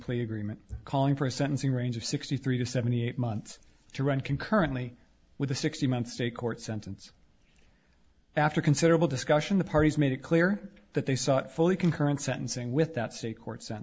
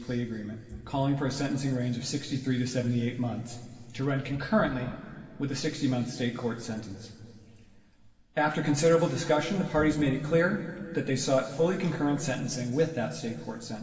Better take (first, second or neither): first